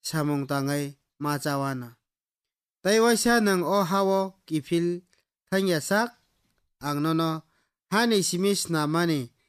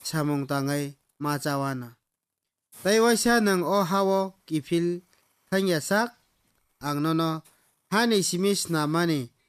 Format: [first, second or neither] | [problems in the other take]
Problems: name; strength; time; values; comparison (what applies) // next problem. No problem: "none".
first | hiss; faint; throughout; 30 dB below the speech